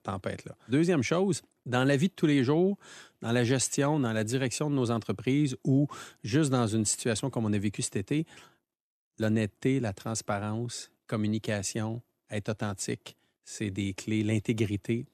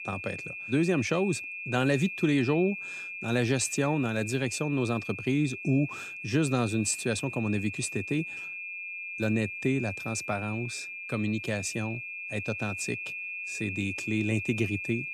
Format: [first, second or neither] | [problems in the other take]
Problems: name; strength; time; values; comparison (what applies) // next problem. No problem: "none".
first | high-pitched whine; loud; throughout; 2.5 kHz, 6 dB below the speech